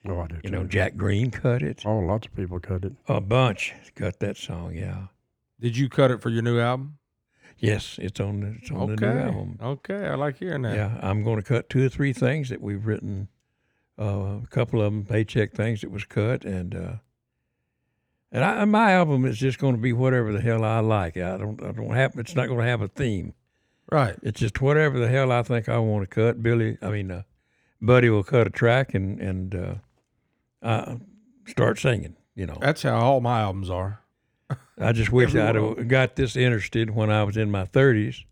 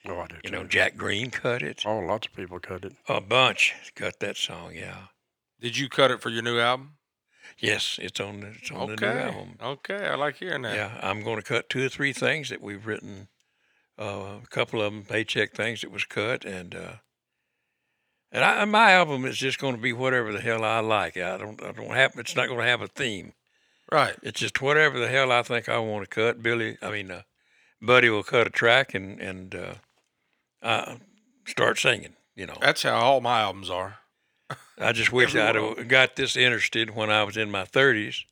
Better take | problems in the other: first | thin; somewhat; fading below 1 kHz

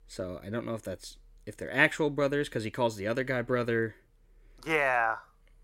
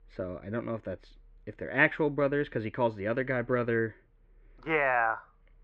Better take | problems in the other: first | muffled; very; fading above 2.5 kHz

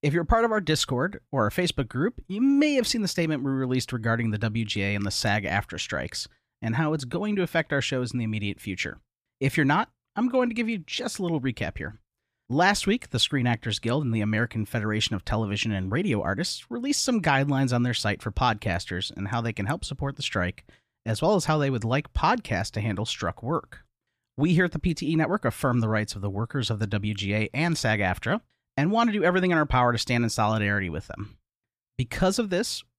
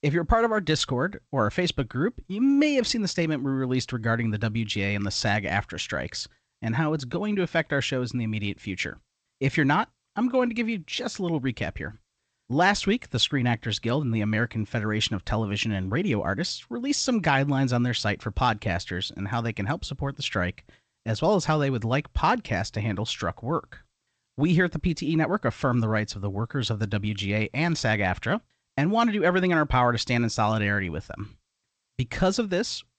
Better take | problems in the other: first | garbled, watery; slightly; nothing above 8 kHz

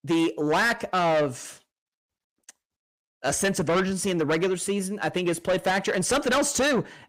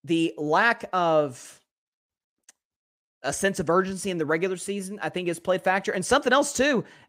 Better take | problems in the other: second | distortion; heavy; 7 dB below the speech

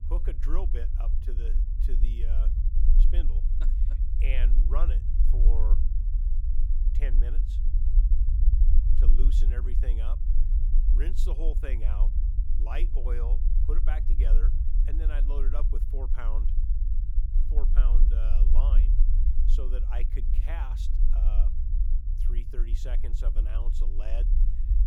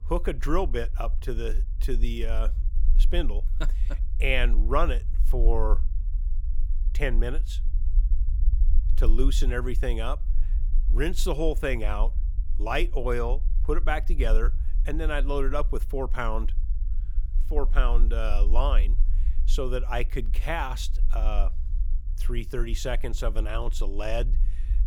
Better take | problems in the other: second | low rumble; loud; throughout; 6 dB below the speech; faint in the second

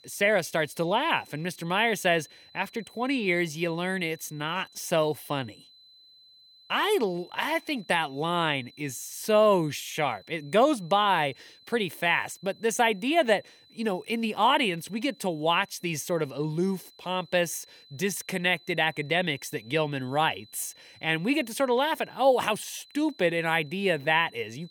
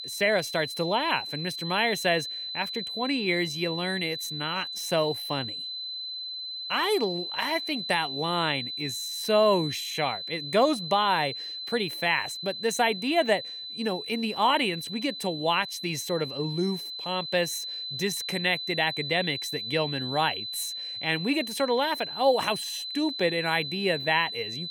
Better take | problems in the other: first | high-pitched whine; loud; throughout; 4 kHz, 5 dB below the speech; faint in the first

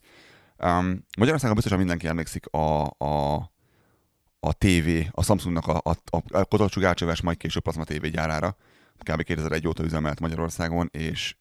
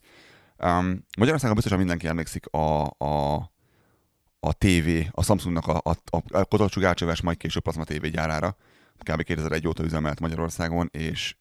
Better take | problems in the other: neither | none

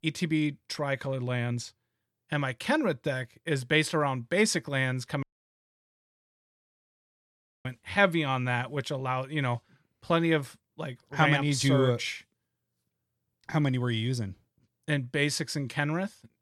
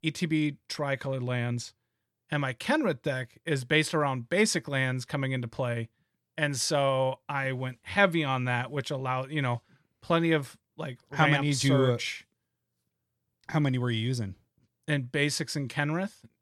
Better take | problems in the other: second | audio cutting out; at 5 s for 2.5 s

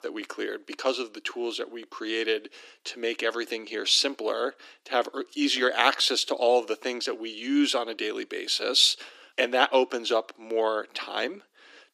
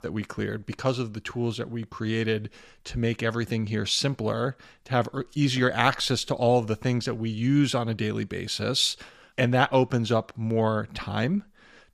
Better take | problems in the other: second | thin; somewhat; fading below 300 Hz

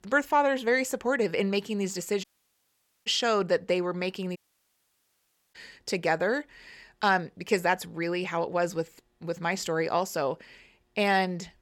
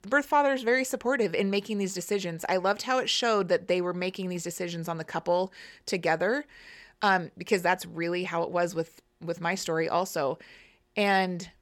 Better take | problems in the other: second | audio cutting out; at 2 s for 1 s and at 4.5 s for 1 s

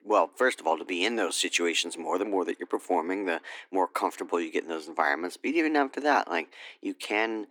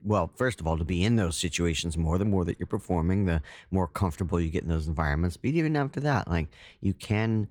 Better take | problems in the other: second | thin; very; fading below 250 Hz

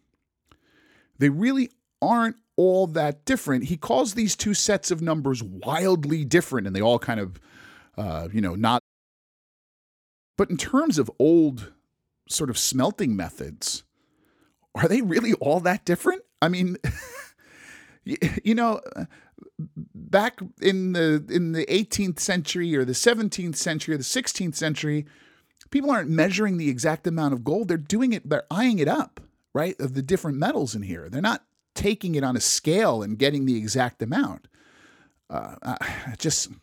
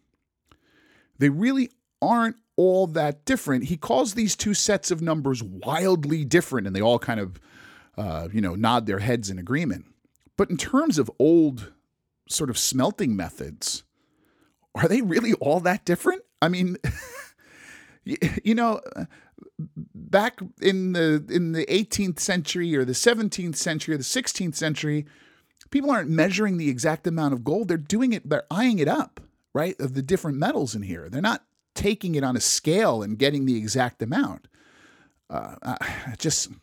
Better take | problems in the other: second | audio cutting out; at 9 s for 1.5 s

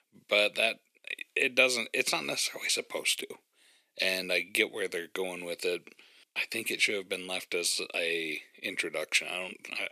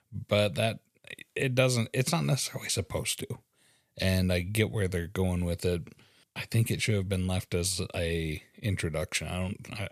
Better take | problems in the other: second | thin; very; fading below 300 Hz

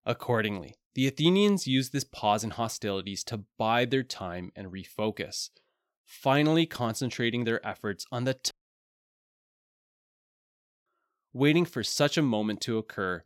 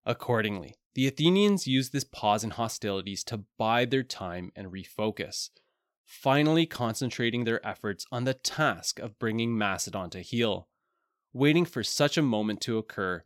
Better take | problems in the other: second | audio cutting out; at 8.5 s for 2.5 s

